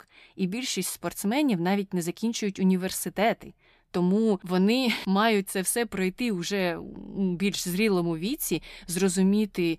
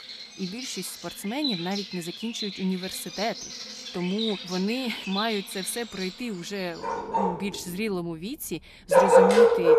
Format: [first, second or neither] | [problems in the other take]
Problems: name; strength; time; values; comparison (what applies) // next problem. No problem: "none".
first | animal sounds; very loud; throughout; 5 dB above the speech